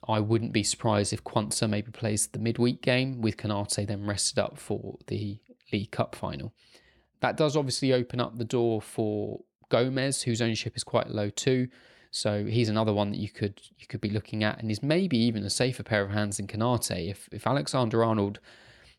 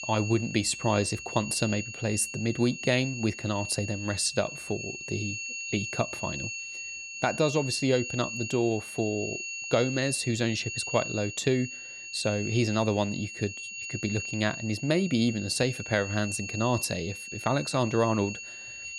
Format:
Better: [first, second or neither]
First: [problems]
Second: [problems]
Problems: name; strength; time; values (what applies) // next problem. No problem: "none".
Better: first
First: none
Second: high-pitched whine; loud; throughout; 2.5 kHz, 7 dB below the speech